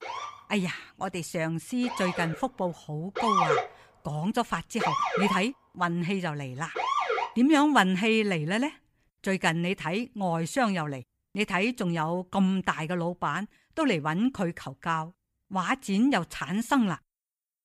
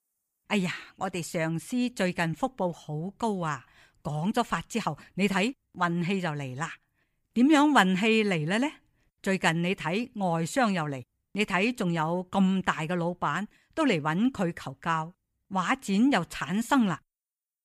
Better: second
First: siren; loud; until 7.5 s; peak 4 dB above the speech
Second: none

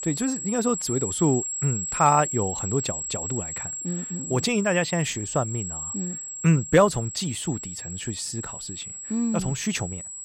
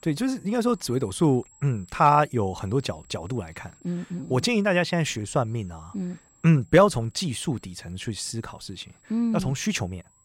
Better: second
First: high-pitched whine; loud; throughout; 7.5 kHz, 5 dB below the speech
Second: high-pitched whine; faint; throughout; 7.5 kHz, 30 dB below the speech

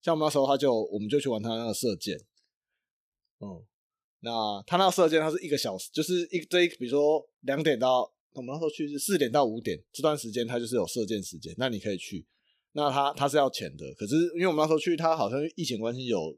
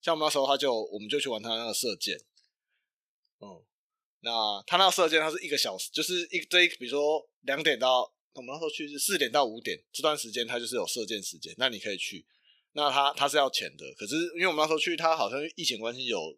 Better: first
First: none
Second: thin; somewhat; fading below 850 Hz

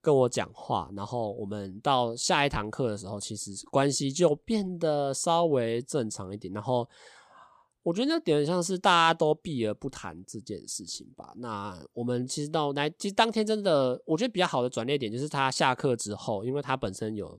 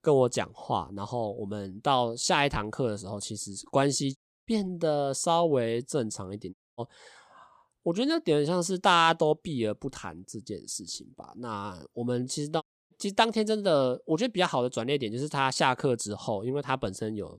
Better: first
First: none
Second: audio cutting out; at 4 s, at 6.5 s and at 13 s

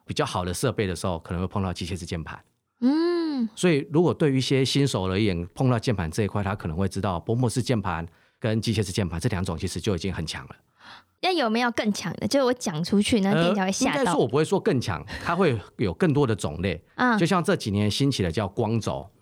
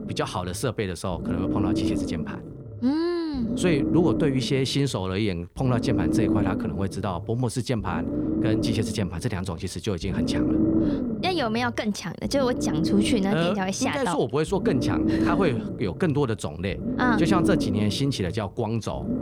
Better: first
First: none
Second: low rumble; loud; throughout; 2 dB below the speech

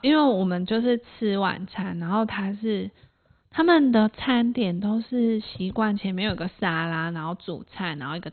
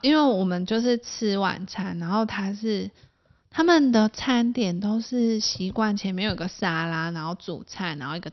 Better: second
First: garbled, watery; badly; nothing above 4 kHz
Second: garbled, watery; slightly; nothing above 6 kHz

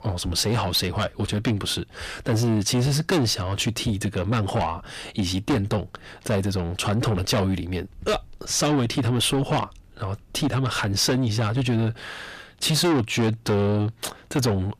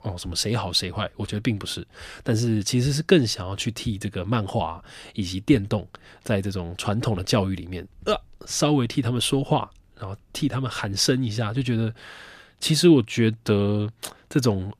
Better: second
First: distortion; heavy; 6 dB below the speech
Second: none

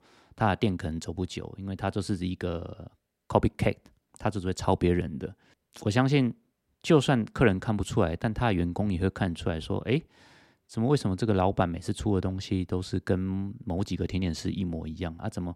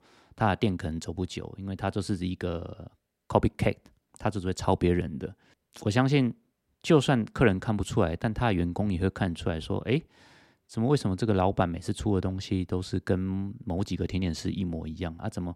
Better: neither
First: none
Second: none

